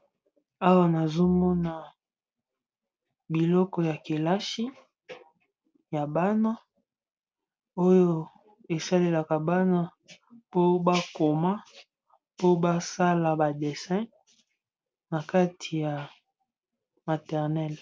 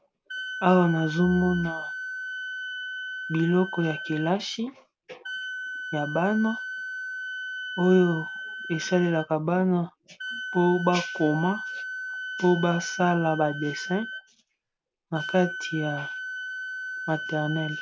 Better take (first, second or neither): first